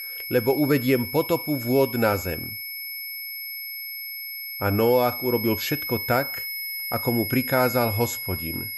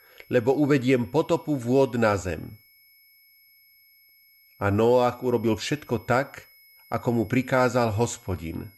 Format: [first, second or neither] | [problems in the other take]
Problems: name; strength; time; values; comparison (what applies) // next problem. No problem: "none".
second | high-pitched whine; loud; throughout; 2 kHz, 6 dB below the speech; faint in the second